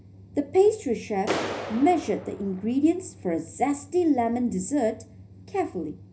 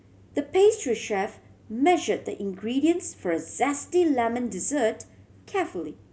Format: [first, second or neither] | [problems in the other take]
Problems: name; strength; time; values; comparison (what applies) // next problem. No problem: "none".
second | background sound (Clapping); 11 dB below the speech // room echo; dies away in 0.4 s